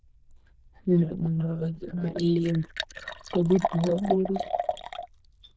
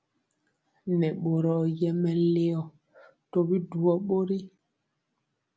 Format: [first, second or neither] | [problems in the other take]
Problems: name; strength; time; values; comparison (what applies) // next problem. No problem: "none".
second | noise reduction (neural diffusion model UNIVERSE++)